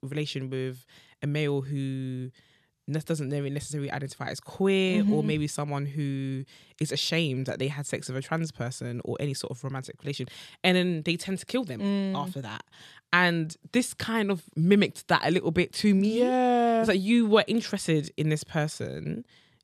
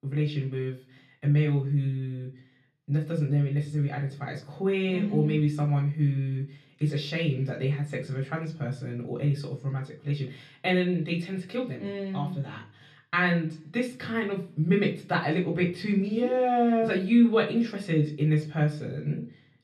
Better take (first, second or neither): first